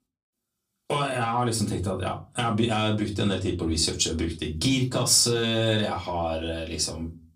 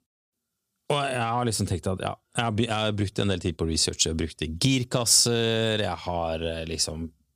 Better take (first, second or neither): second